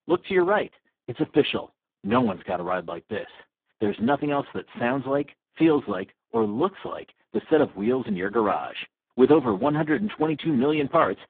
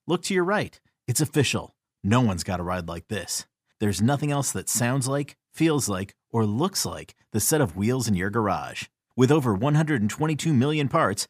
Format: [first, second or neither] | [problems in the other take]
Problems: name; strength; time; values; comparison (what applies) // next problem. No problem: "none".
second | phone-call audio; poor line